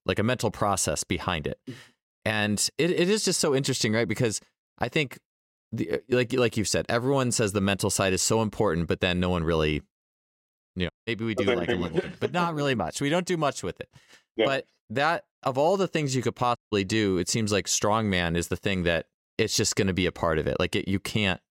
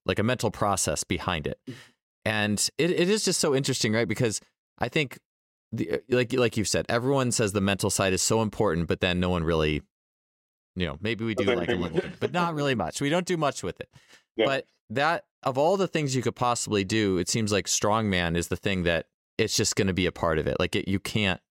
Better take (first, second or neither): second